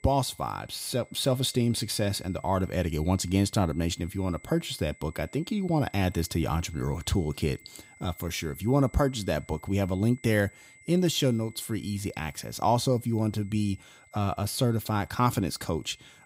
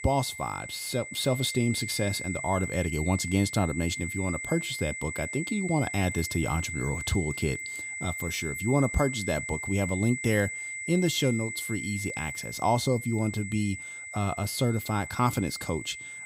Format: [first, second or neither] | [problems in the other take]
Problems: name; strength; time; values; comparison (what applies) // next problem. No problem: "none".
first | high-pitched whine; loud; throughout; 2 kHz, 6 dB below the speech; faint in the first